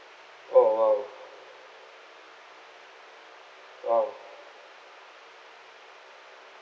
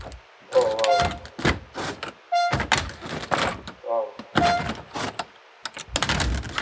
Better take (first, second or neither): first